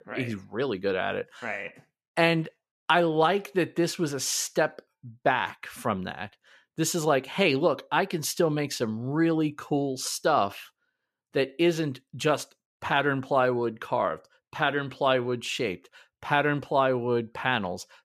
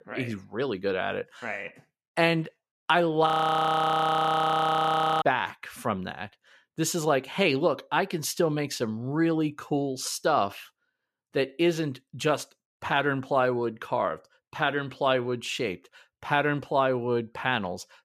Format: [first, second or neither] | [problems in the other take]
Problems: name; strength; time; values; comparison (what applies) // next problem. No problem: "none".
first | audio freezing; at 3.5 s for 2 s